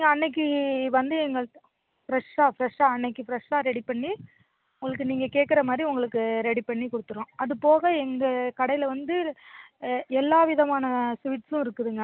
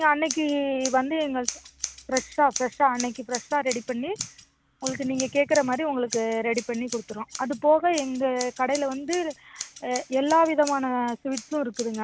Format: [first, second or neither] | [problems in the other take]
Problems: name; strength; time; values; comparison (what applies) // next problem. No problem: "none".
first | background sound (Scissors); 13 dB below the speech